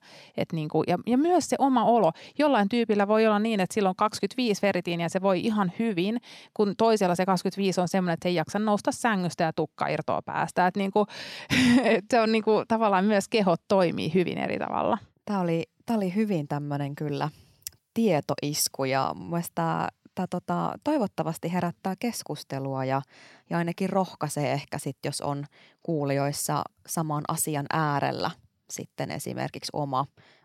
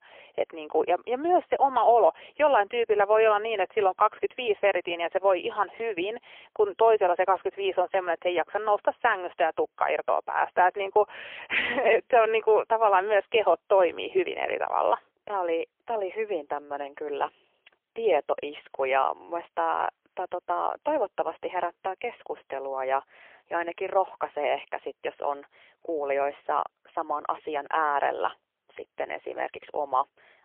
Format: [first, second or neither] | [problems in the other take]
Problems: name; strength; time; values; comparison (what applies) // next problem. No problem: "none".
first | phone-call audio; poor line; nothing above 3 kHz